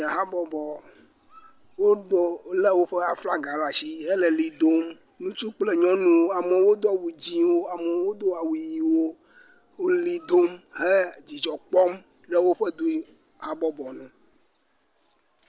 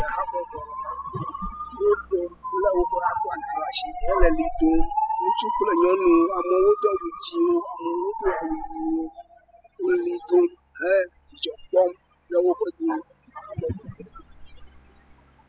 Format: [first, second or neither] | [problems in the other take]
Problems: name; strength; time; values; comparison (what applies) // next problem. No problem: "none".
first | noise reduction (classical method spectral subtraction)